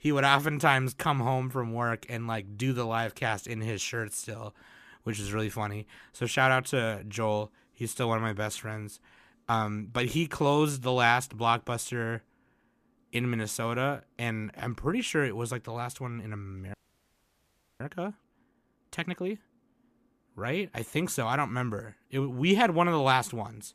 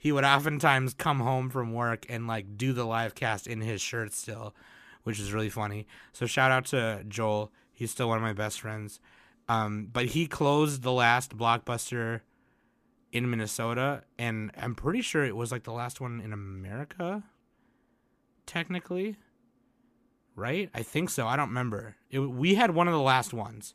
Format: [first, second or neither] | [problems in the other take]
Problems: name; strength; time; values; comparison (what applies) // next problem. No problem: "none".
second | audio freezing; at 17 s for 1 s